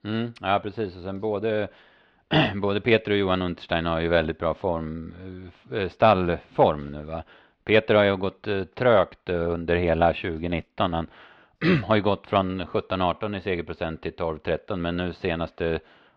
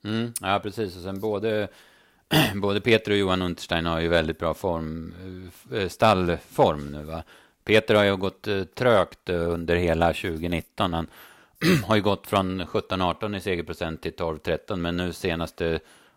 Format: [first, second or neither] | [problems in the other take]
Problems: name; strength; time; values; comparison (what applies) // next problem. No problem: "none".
second | muffled; slightly; fading above 3.5 kHz